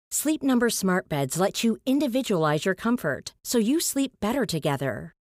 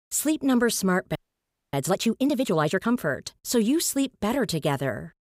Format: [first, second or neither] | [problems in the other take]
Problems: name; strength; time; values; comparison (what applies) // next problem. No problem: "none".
first | audio freezing; at 1 s for 0.5 s